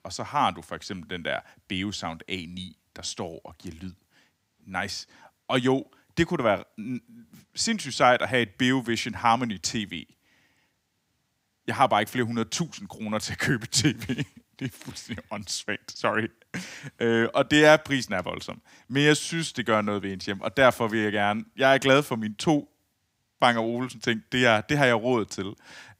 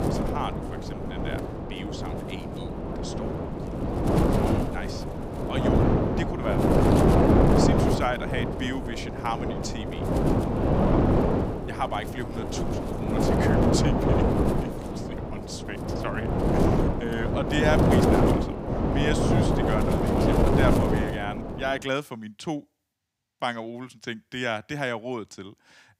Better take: first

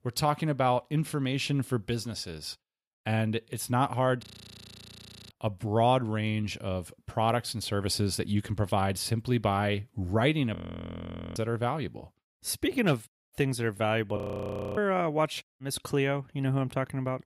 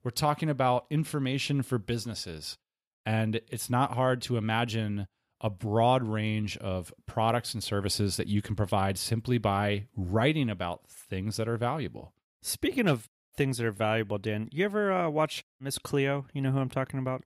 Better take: second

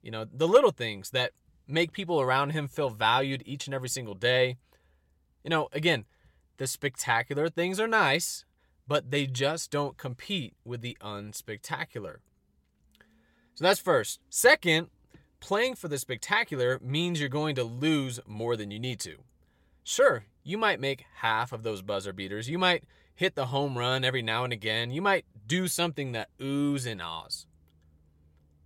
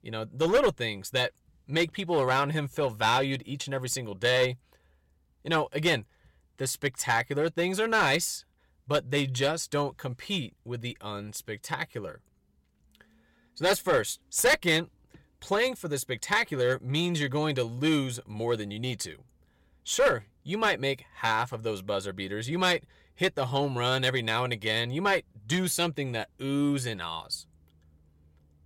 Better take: first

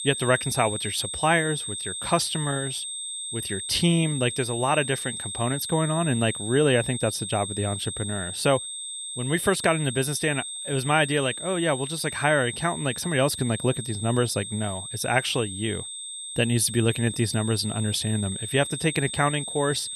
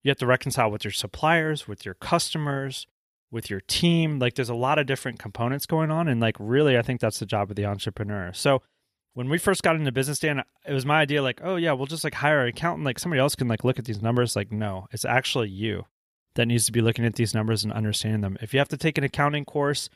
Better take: second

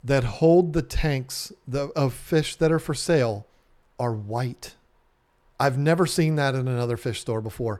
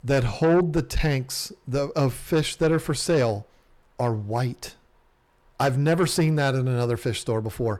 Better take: first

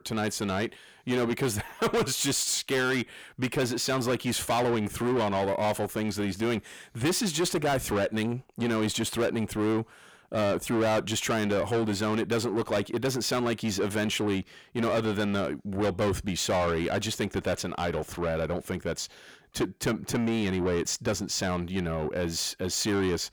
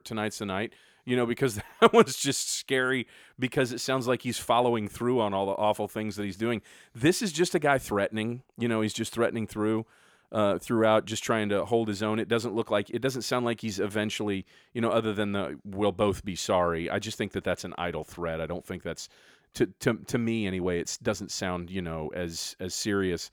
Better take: second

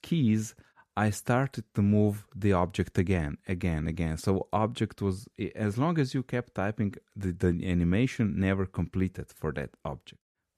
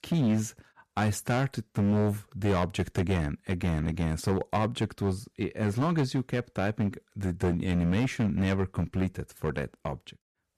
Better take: first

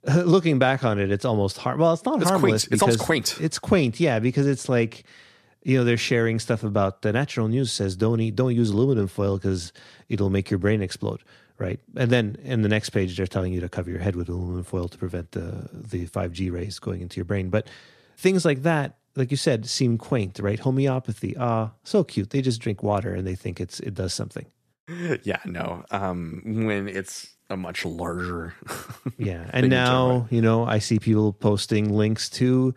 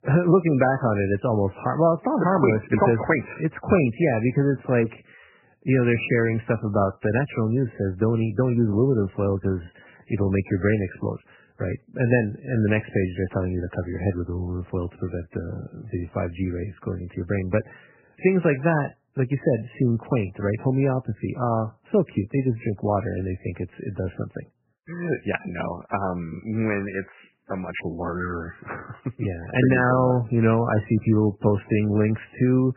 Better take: first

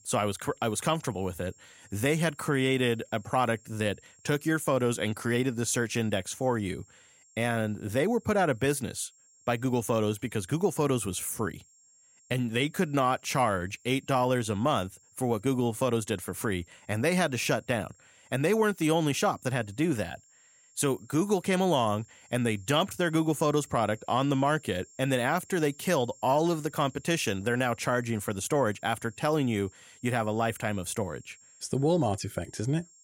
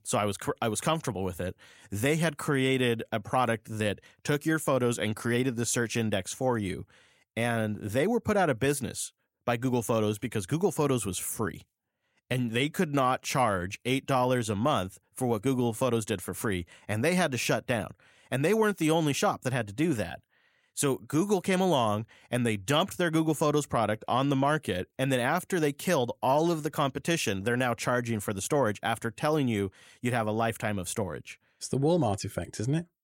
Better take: second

